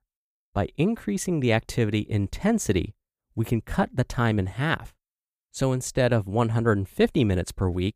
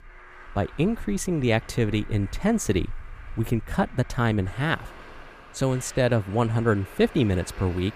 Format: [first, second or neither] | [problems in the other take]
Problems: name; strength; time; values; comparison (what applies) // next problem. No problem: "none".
first | traffic noise; noticeable; throughout; 20 dB below the speech